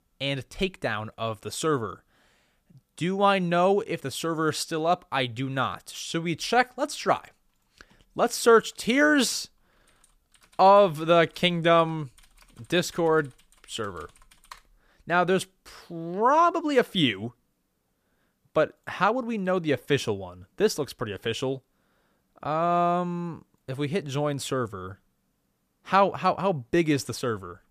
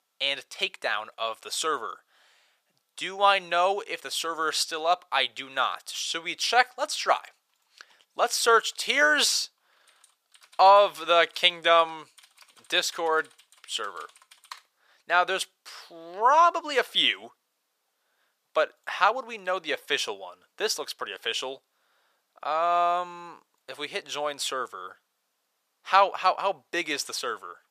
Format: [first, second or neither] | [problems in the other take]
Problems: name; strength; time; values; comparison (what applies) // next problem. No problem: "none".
first | thin; very; fading below 750 Hz